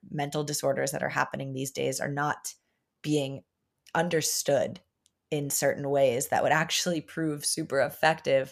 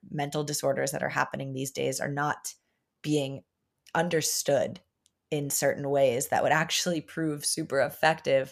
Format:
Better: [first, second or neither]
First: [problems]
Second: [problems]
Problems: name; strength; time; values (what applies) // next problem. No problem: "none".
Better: neither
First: none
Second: none